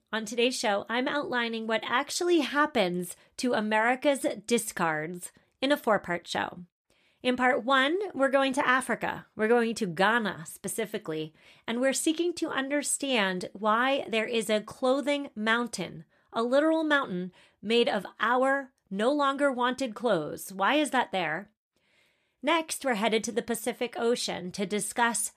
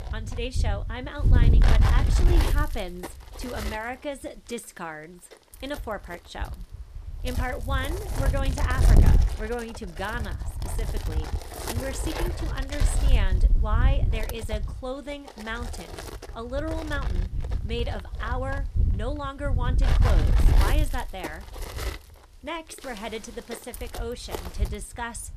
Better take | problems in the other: first | wind noise on the microphone; heavy; 4 dB below the speech

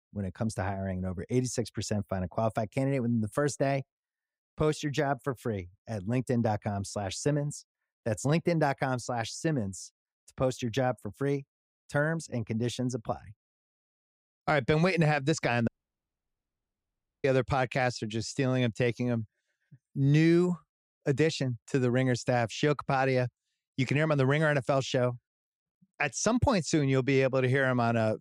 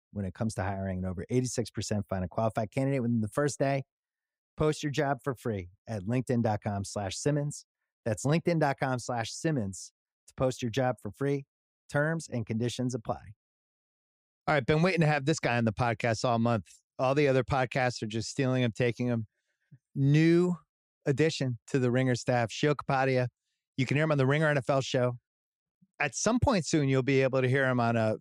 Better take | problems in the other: second | audio cutting out; at 16 s for 1.5 s

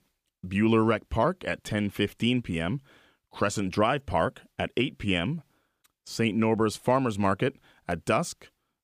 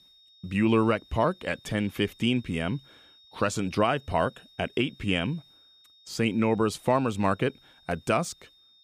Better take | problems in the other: first | high-pitched whine; faint; throughout; 3.5 kHz, 25 dB below the speech

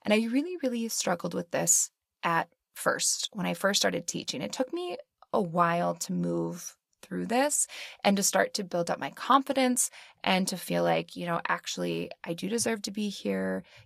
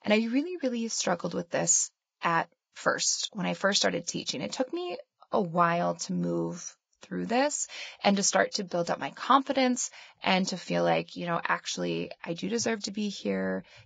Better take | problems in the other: first | garbled, watery; badly; nothing above 7.5 kHz; slightly in the first

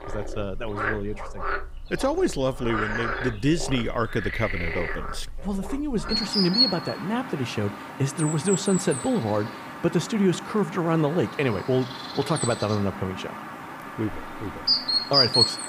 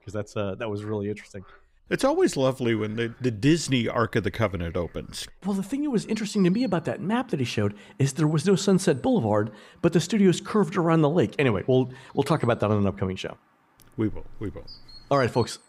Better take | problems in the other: second | animal sounds; loud; throughout; 1 dB below the speech; faint in the second

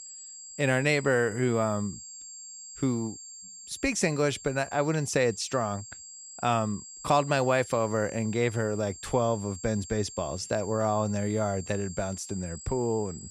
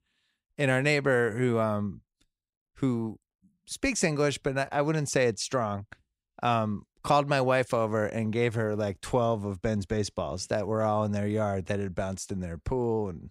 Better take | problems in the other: second | high-pitched whine; noticeable; throughout; 7.5 kHz, 15 dB below the speech

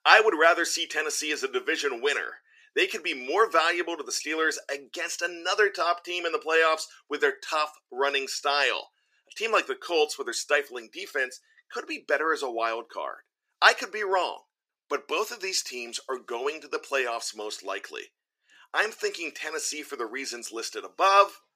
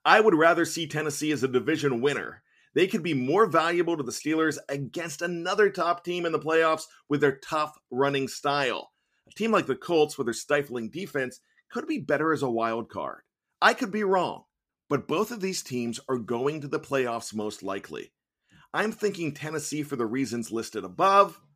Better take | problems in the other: second | thin; very; fading below 400 Hz

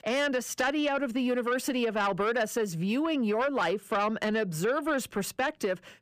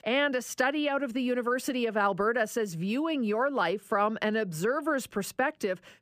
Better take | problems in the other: second | distortion; slight; 10 dB below the speech

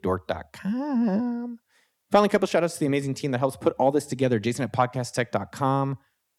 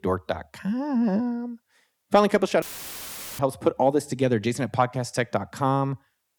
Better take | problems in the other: first | audio cutting out; filled with static; at 2.5 s for 1 s

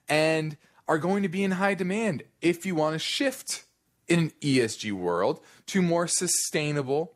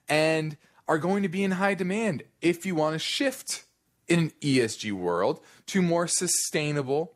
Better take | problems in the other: neither | none

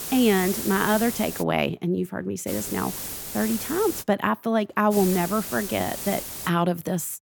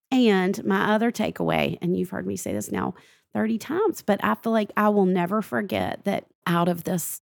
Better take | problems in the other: second | hiss; loud; until 1.5 s, from 2.5 to 4 s and from 5 to 6.5 s; 6 dB below the speech

